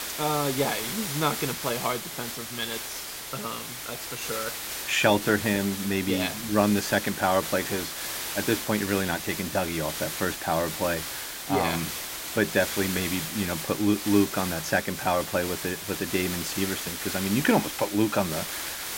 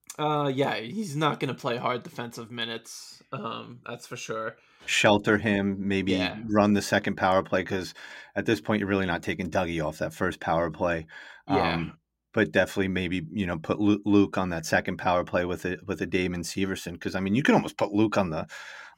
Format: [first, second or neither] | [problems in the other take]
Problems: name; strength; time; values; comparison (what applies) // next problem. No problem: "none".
second | hiss; loud; throughout; 5 dB below the speech